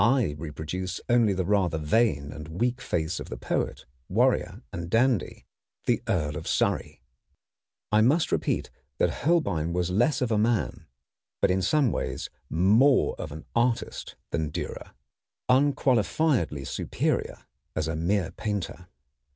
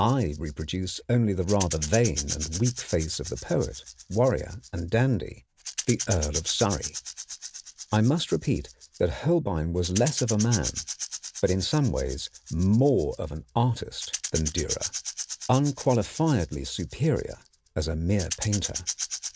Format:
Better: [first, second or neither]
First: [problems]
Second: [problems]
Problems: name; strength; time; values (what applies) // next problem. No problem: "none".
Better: first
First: none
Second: background sound (Rattle / Rattle (instrument)); 10 dB below the speech